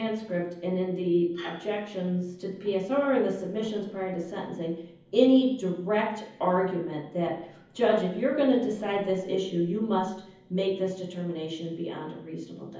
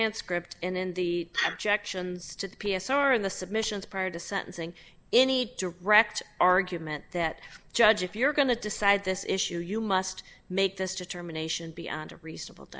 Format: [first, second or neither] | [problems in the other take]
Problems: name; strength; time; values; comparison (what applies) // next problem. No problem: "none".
second | room echo; dies away in 0.7 s